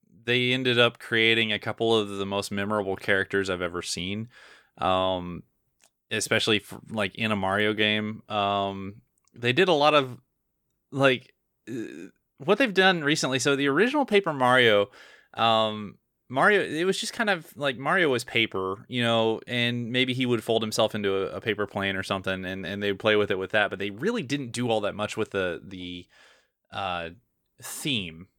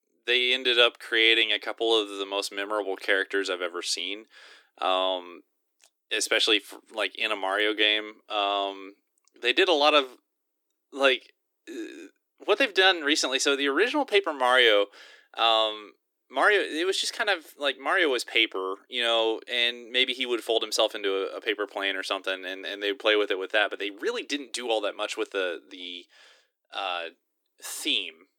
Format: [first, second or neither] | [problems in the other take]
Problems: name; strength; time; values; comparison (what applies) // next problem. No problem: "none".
first | thin; somewhat; fading below 300 Hz